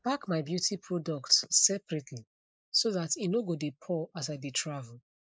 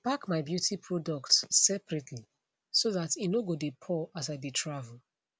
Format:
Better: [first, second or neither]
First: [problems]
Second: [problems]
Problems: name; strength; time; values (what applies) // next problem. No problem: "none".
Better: second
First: noise reduction (neural mask model Resemble Enhance denoiser)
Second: none